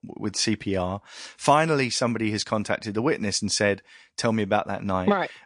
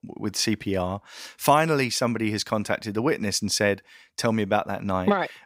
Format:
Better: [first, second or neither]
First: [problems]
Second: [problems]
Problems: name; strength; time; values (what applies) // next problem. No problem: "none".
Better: second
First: garbled, watery; slightly; nothing above 10 kHz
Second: none